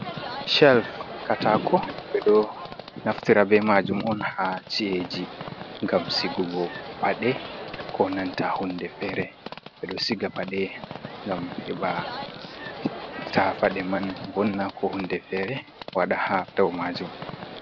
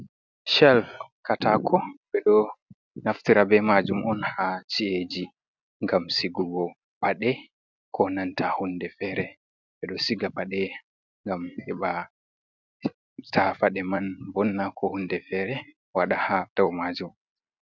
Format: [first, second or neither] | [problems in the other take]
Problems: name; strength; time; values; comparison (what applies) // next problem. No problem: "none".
second | background sound (Livestock, farm animals, working animals); 11 dB below the speech